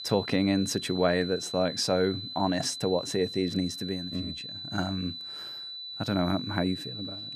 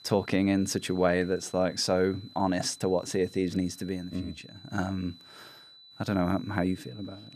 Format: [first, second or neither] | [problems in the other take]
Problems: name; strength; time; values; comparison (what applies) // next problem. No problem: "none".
second | high-pitched whine; loud; throughout; 4 kHz, 8 dB below the speech; faint in the second